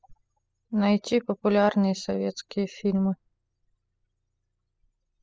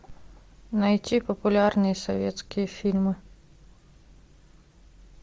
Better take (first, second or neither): second